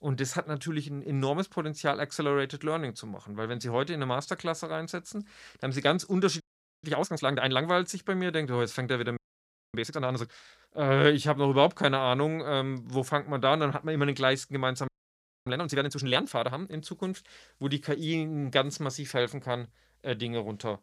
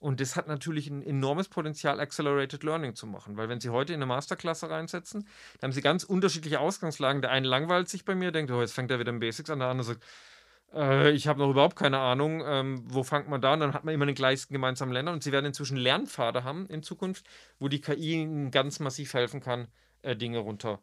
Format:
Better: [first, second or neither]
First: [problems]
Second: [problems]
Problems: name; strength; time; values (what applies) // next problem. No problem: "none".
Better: second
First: audio freezing; at 6.5 s, at 9 s for 0.5 s and at 15 s for 0.5 s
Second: none